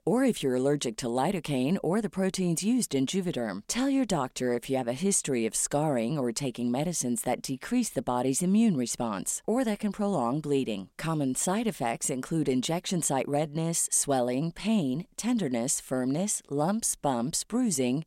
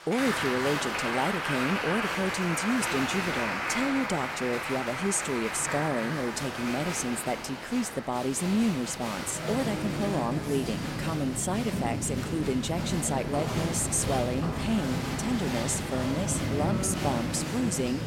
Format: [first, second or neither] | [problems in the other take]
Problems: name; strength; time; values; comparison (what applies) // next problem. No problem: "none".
first | crowd noise; loud; throughout; 2 dB below the speech